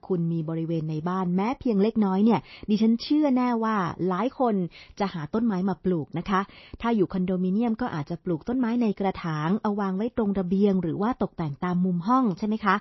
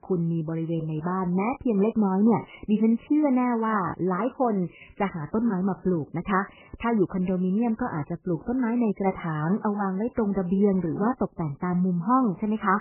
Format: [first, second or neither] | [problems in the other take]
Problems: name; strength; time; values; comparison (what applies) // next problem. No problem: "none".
first | garbled, watery; badly; nothing above 3 kHz; slightly in the first